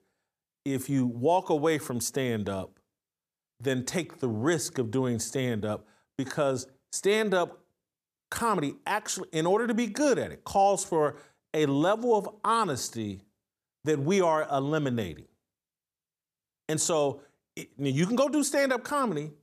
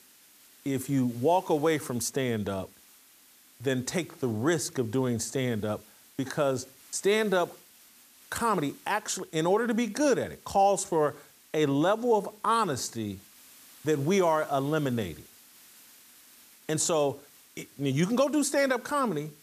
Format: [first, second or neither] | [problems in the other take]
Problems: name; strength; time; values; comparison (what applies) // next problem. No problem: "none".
first | hiss; faint; throughout; 25 dB below the speech